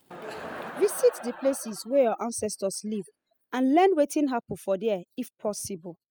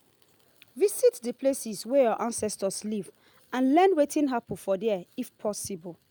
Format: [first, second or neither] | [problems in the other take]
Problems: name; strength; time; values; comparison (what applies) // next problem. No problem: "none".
second | noise reduction (classical method spectral subtraction)